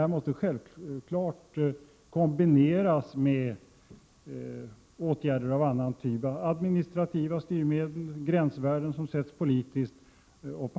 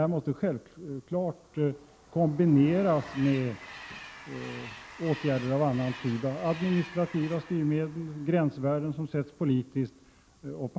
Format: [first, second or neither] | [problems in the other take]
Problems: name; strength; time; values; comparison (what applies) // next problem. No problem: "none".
first | background sound (Train); 18 dB below the speech